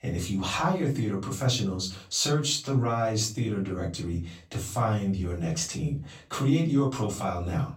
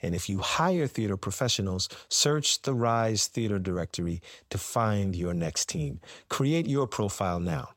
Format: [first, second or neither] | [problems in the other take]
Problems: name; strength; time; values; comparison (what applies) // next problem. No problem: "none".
second | off-mic speech; far // room echo; slight; dies away in 0.3 s